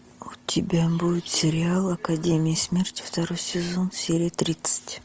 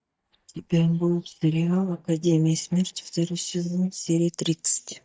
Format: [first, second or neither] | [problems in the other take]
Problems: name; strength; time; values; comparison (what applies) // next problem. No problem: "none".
first | noise reduction (neural mask model DeepFilterNet 3)